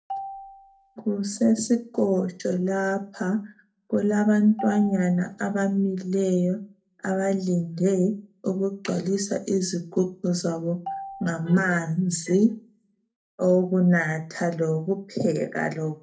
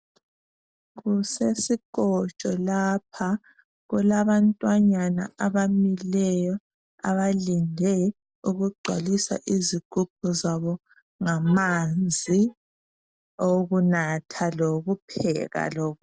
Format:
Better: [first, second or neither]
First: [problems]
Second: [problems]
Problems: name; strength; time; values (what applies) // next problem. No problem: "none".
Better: second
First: background sound (Marimba, xylophone); 16 dB below the speech // room echo; dies away in 0.3 s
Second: none